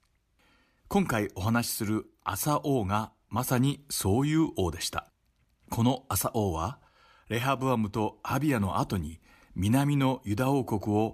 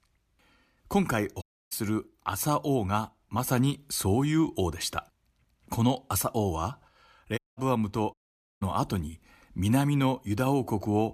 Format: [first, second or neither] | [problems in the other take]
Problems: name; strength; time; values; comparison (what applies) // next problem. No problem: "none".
first | audio cutting out; at 1.5 s, at 7.5 s and at 8 s